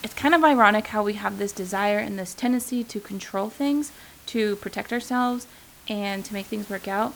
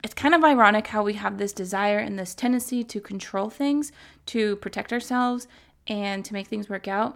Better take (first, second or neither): second